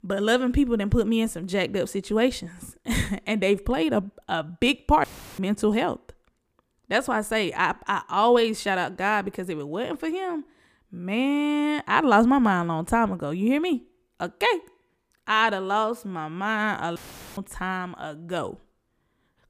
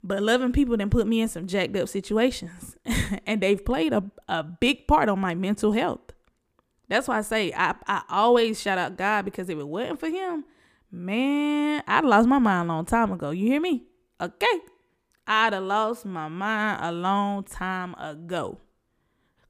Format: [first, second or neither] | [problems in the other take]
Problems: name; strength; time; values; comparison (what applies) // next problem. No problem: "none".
second | audio cutting out; filled with static; at 5 s and at 17 s